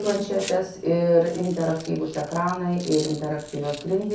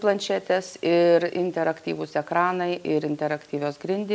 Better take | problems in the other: second | background sound (Rattle); 17 dB below the speech // room echo; dies away in 0.6 s

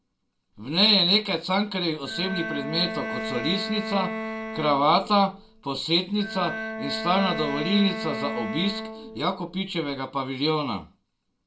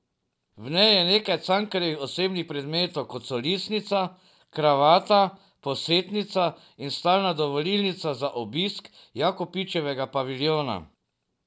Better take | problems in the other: second | background sound (Bowed string instrument); 7 dB below the speech // room echo; dies away in 0.2 s

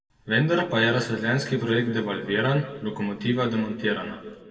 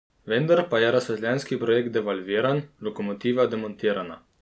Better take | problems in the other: second | background sound (Bowed string instrument); 19 dB below the speech // room echo; dies away in 1.3 s

